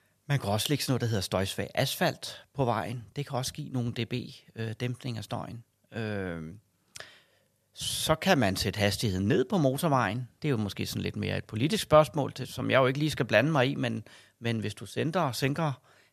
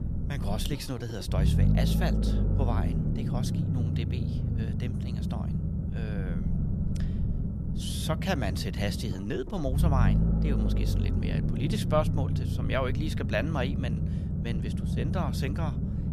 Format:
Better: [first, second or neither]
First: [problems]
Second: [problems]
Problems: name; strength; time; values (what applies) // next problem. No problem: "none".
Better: first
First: none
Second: low rumble; loud; throughout; 4 dB below the speech